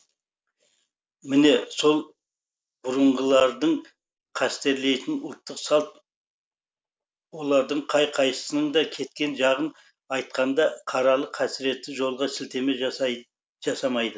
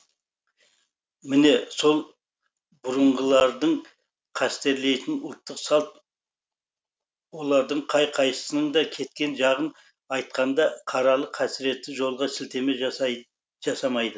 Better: second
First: noise reduction (neural mask model Resemble Enhance denoiser)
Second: none

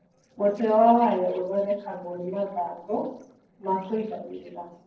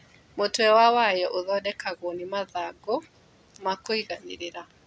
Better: second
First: noise reduction (neural separator model SepFormer DNS4)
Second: none

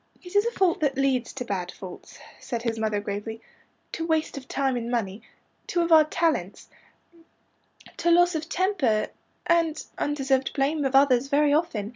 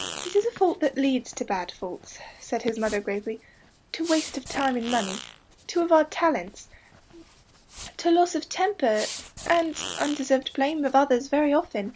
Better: first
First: none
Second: background sound (Fart); 15 dB below the speech

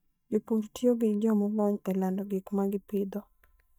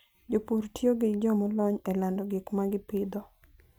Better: second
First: noise reduction (neural mask model DeepFilterNet 3)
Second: none

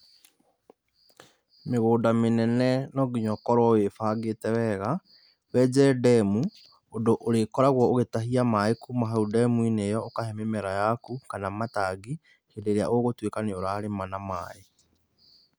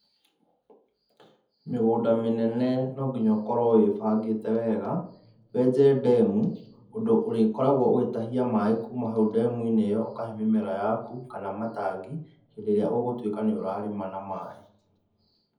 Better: first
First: none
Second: room echo; dies away in 0.7 s

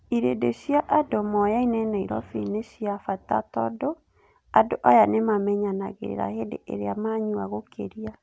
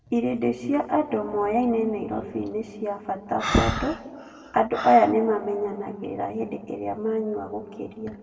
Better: first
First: none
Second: background sound (Breathing); 10 dB below the speech // room echo; dies away in 1.4 s

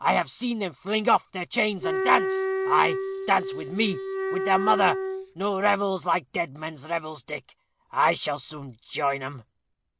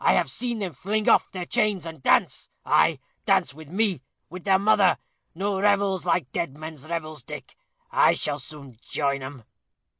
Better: second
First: background sound (Wind instrument, woodwind instrument); 2 dB below the speech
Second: none

